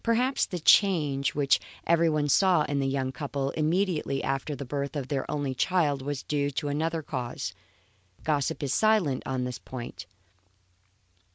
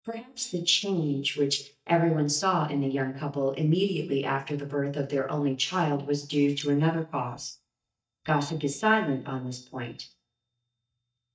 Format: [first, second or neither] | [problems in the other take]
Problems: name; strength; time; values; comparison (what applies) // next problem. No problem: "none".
first | noise reduction (neural mask model DeepFilterNet 3)